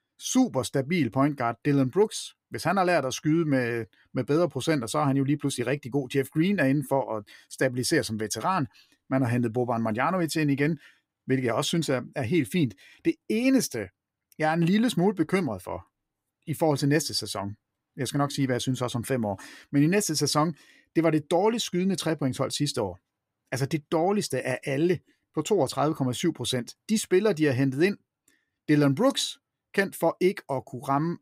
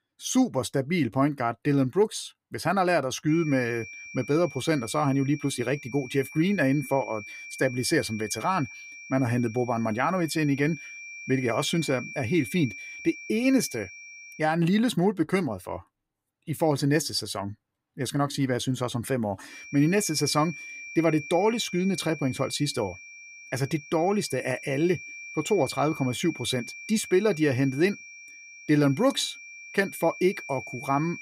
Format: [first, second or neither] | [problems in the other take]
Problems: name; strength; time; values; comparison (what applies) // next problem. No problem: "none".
first | high-pitched whine; noticeable; from 3.5 to 14 s and from 20 s on; 2.5 kHz, 15 dB below the speech